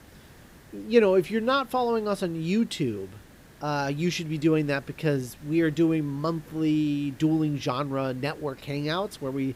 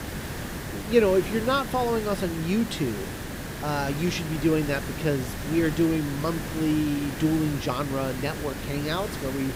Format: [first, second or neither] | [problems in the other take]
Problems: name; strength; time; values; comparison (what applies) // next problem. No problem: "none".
first | hiss; loud; throughout; 7 dB below the speech; faint in the first